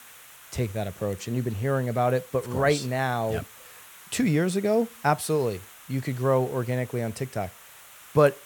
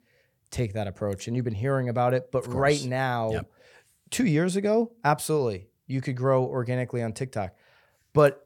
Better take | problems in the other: second | hiss; noticeable; throughout; 20 dB below the speech

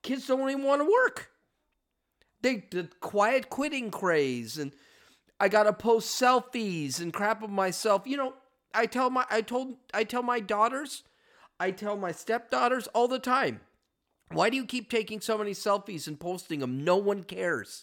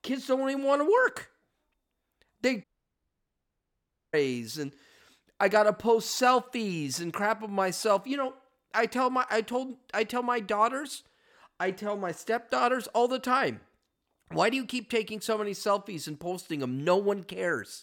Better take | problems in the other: first | audio cutting out; at 2.5 s for 1.5 s

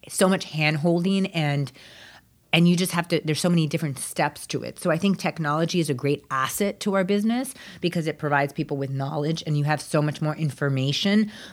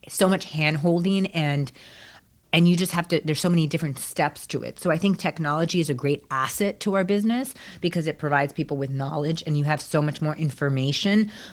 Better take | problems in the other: first | garbled, watery; slightly

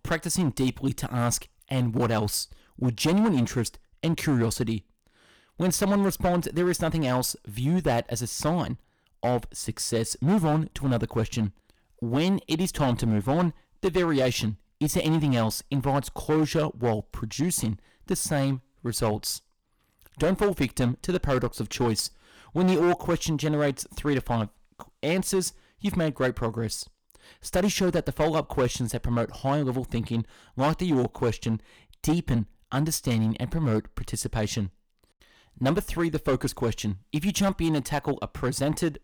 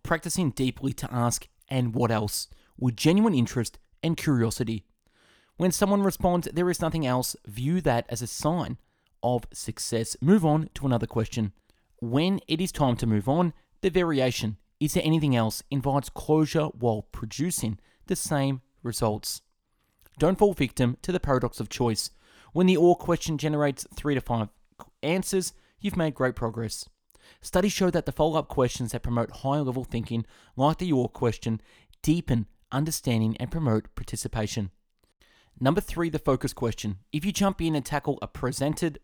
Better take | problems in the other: second | distortion; slight; 7% of the sound clipped

